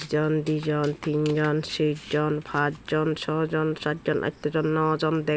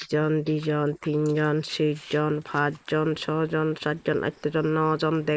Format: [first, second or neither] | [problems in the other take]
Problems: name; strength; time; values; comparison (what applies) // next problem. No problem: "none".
first | noise reduction (neural mask model Resemble Enhance denoiser)